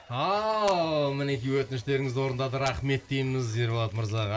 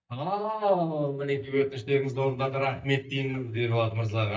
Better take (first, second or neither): first